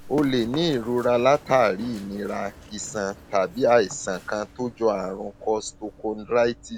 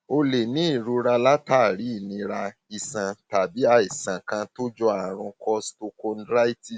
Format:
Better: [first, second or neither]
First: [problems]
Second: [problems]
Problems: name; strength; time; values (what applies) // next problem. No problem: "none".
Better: second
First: background sound (Run); 19 dB below the speech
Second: none